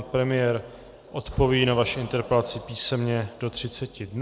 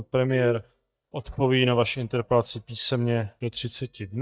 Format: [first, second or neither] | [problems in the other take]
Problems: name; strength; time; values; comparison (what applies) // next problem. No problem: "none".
first | noise reduction (neural mask model DeepFilterNet 3)